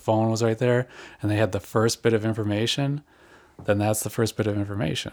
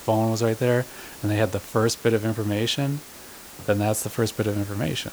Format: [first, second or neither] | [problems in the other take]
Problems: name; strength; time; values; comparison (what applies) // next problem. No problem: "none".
first | hiss; noticeable; throughout; 15 dB below the speech